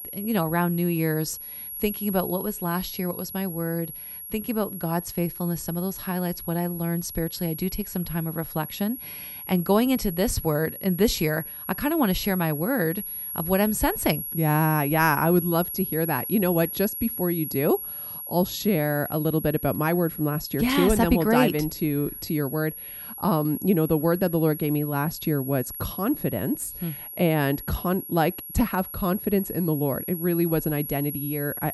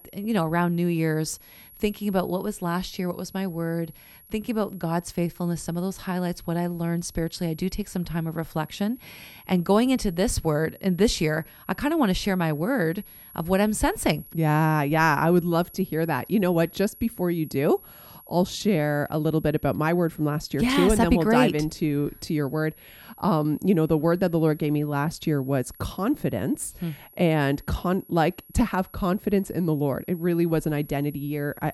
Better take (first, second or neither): second